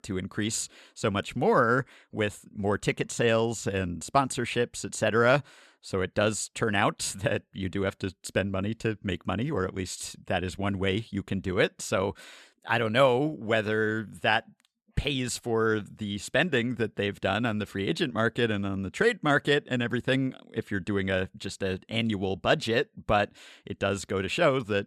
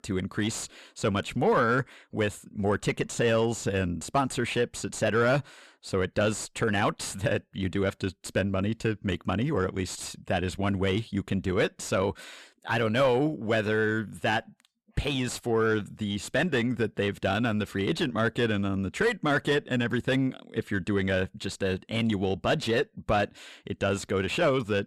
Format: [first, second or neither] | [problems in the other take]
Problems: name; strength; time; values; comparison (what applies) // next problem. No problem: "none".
first | distortion; slight; 10 dB below the speech